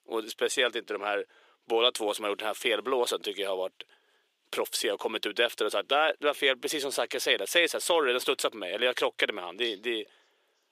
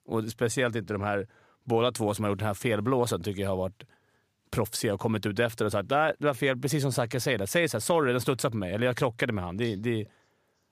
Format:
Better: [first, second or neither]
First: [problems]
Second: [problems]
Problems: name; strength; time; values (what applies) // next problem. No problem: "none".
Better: second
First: thin; very; fading below 350 Hz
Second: none